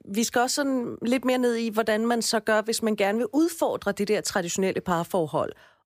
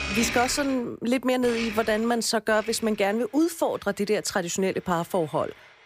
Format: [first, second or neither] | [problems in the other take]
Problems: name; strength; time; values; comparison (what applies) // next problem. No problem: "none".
first | household noises; loud; throughout; 9 dB below the speech